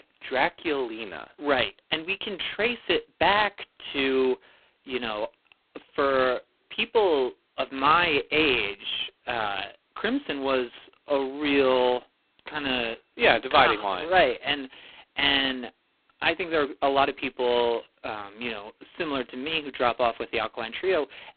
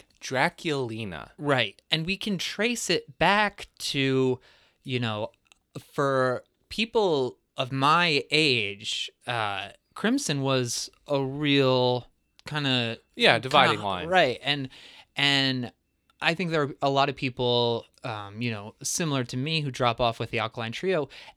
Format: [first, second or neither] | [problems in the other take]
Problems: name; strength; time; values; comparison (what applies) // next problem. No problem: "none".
second | phone-call audio; poor line; nothing above 3.5 kHz